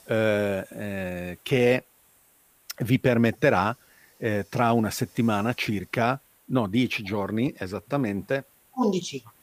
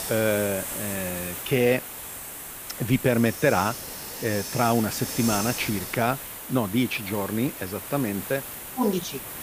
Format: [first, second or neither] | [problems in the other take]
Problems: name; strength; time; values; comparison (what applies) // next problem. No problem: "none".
first | hiss; loud; throughout; 7 dB below the speech; faint in the first